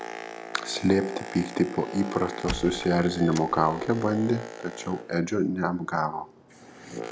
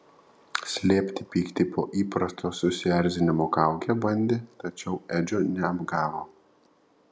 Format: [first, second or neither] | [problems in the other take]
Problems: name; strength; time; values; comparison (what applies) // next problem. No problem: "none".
second | background sound (Squeak + Boat, Water vehicle); 11 dB below the speech